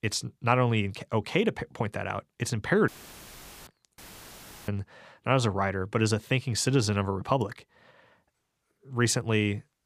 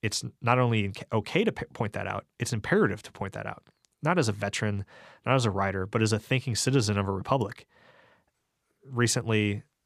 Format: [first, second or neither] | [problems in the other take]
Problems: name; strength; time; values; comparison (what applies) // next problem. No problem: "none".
second | audio cutting out; filled with static; at 3 s for 1 s and at 4 s for 0.5 s